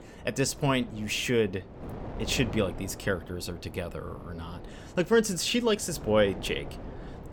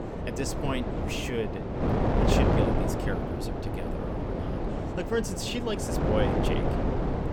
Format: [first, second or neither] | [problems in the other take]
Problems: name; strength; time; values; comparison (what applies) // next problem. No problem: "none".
first | wind noise on the microphone; heavy; 3 dB above the speech; occasional gusts in the first